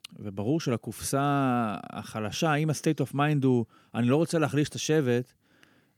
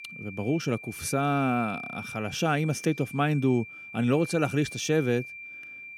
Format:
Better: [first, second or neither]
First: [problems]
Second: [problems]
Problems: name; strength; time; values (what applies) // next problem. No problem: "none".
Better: first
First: none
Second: high-pitched whine; noticeable; throughout; 2.5 kHz, 10 dB below the speech